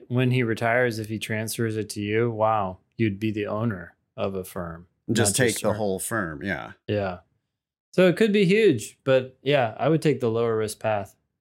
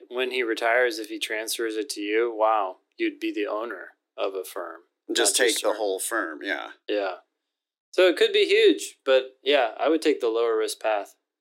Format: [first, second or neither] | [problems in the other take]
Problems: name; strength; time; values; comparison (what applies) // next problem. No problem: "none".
first | thin; very; fading below 300 Hz